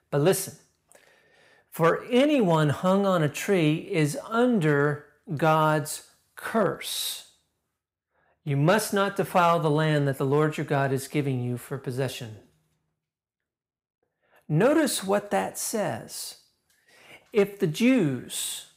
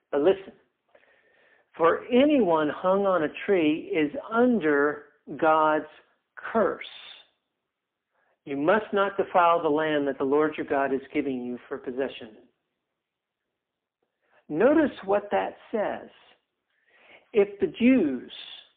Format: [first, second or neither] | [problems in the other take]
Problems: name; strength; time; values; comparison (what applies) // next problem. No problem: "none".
first | phone-call audio; poor line